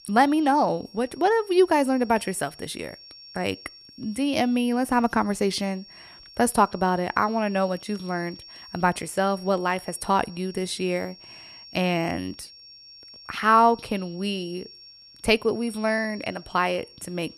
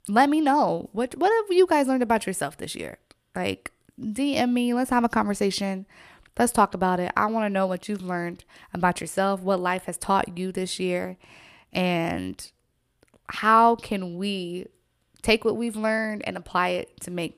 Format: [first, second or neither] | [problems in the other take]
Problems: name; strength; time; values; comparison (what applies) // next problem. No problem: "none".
second | high-pitched whine; faint; throughout; 5.5 kHz, 20 dB below the speech